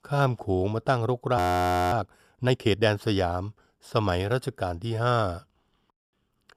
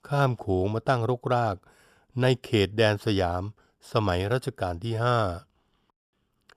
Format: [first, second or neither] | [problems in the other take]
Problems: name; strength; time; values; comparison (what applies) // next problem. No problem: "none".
second | audio freezing; at 1.5 s for 0.5 s